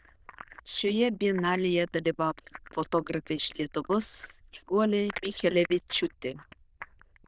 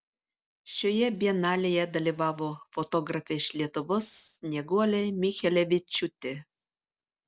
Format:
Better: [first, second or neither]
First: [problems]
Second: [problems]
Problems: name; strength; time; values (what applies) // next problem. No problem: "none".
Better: second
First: noise reduction (neural diffusion model UNIVERSE++)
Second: none